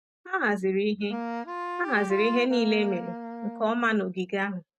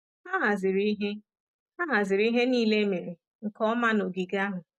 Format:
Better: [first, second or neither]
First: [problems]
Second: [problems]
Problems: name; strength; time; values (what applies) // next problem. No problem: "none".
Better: second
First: background sound (Wind instrument, woodwind instrument); 7 dB below the speech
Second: none